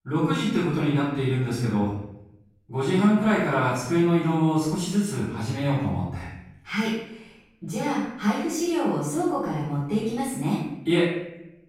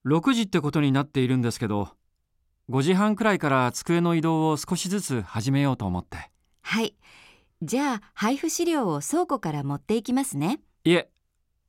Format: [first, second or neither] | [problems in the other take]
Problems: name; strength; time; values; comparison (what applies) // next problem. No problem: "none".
second | off-mic speech; far // room echo; strong; dies away in 0.7 s